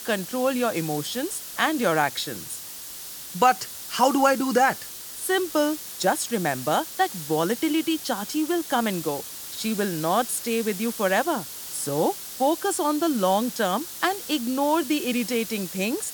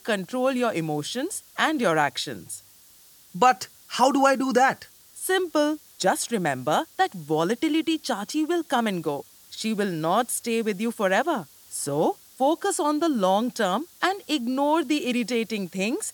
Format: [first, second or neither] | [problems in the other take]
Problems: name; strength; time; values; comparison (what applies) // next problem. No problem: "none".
second | hiss; loud; throughout; 9 dB below the speech; faint in the second